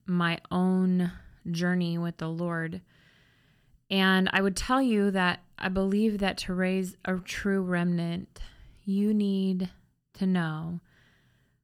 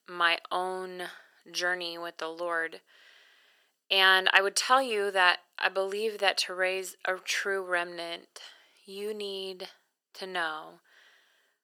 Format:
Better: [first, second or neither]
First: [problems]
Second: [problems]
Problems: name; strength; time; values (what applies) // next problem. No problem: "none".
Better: first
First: none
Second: thin; very; fading below 450 Hz